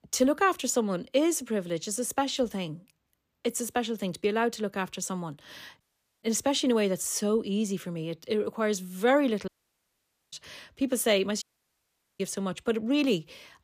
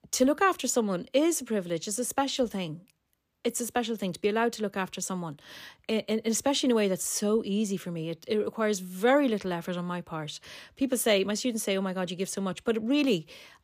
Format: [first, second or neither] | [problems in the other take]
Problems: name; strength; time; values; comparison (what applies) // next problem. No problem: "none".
second | audio cutting out; at 6 s, at 9.5 s for 1 s and at 11 s for 1 s